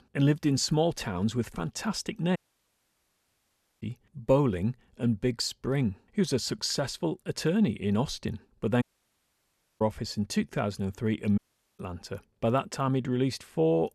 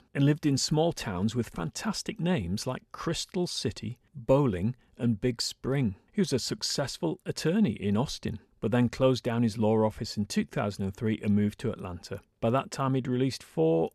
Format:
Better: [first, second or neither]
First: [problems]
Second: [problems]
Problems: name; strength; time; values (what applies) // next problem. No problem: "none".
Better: second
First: audio cutting out; at 2.5 s for 1.5 s, at 9 s for 1 s and at 11 s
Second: none